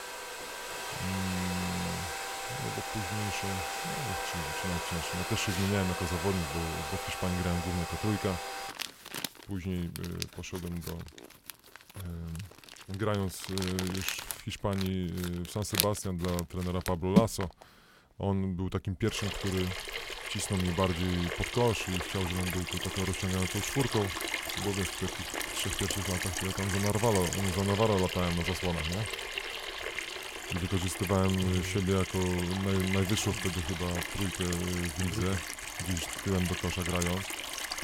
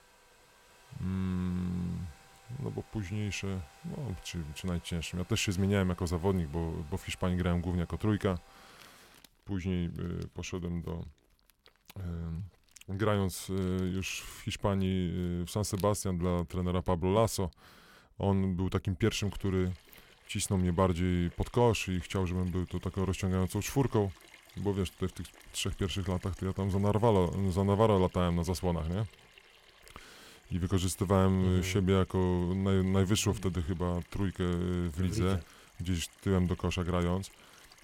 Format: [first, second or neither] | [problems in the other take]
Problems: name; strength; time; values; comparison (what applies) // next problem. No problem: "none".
second | household noises; loud; throughout; 2 dB below the speech; faint in the second